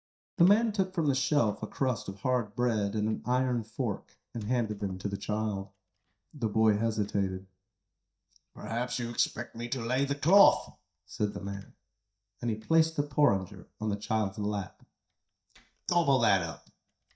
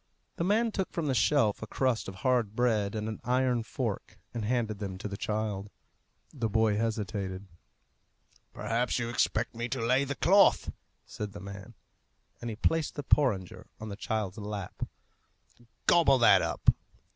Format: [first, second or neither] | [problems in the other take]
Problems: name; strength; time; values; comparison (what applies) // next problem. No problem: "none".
second | noise reduction (neural mask model DeepFilterNet 3)